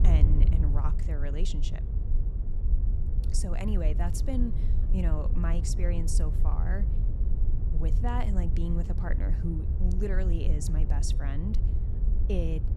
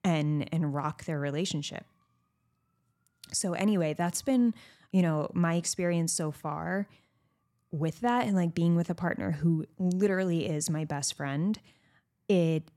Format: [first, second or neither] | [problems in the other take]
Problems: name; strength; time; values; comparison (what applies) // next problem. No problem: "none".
second | wind noise on the microphone; heavy; 7 dB below the speech